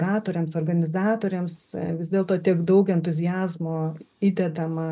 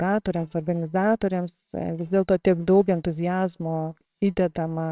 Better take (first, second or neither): first